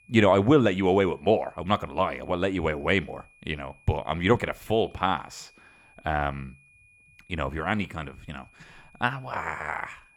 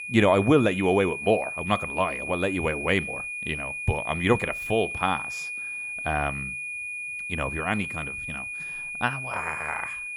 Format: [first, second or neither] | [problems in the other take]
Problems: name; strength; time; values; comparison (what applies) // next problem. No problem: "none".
first | high-pitched whine; loud; throughout; 2.5 kHz, 5 dB below the speech; faint in the first